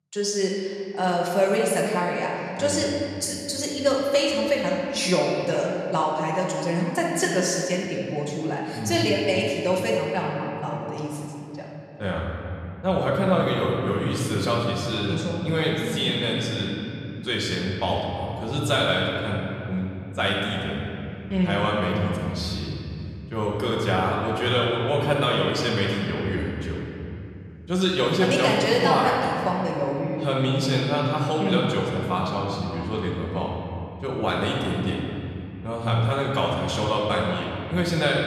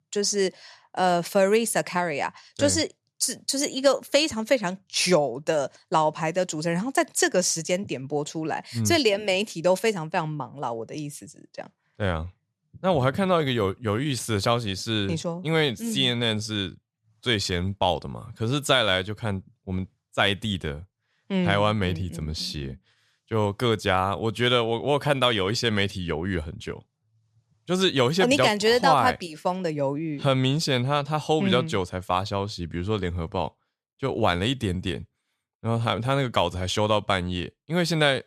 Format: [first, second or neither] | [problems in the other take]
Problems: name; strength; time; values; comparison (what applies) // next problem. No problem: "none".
second | room echo; noticeable; dies away in 2.8 s // off-mic speech; far